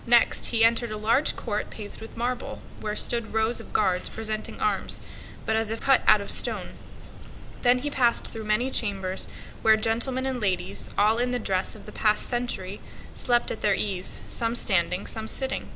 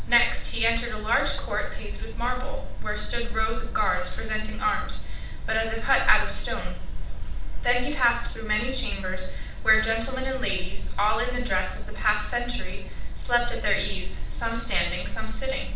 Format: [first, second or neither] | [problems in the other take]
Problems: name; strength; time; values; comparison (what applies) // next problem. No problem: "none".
first | room echo; dies away in 0.5 s